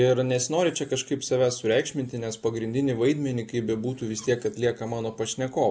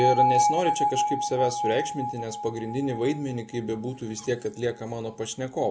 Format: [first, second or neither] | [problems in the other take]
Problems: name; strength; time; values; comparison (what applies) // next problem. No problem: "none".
first | background sound (Bell); as loud as the speech